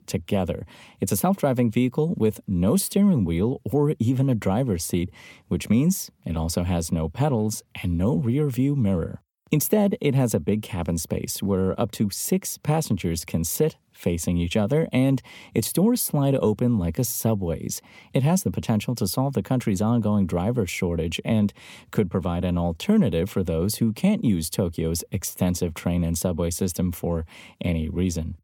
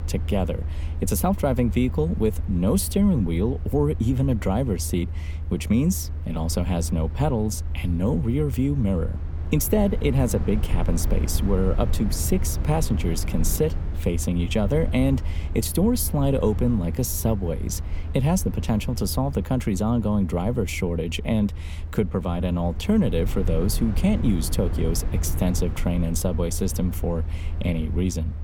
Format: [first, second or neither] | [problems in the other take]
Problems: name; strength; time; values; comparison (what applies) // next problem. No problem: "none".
first | low rumble; noticeable; throughout; 15 dB below the speech